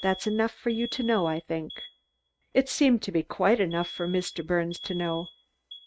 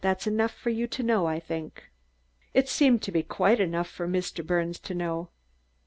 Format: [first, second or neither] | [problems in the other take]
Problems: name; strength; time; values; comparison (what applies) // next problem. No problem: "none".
second | noise reduction (neural mask model RNNoise)